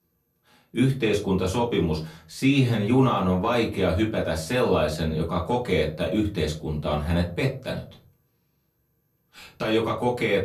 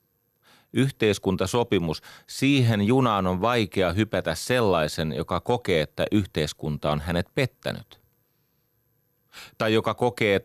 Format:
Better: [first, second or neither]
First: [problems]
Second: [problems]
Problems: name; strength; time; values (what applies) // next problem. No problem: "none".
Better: second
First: off-mic speech; far // room echo; very slight; dies away in 0.3 s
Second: none